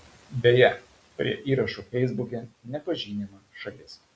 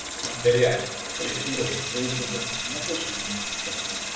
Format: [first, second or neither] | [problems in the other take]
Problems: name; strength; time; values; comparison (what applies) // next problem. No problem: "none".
first | background sound (Sink (filling or washing) / Water tap, faucet); 2 dB below the speech // room echo; dies away in 0.6 s